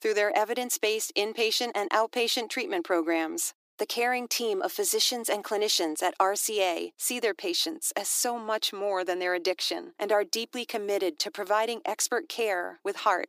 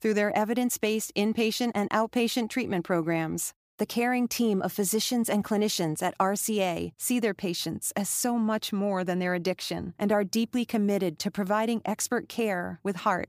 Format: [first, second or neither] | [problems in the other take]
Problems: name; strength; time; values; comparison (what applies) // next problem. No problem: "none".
second | thin; very; fading below 300 Hz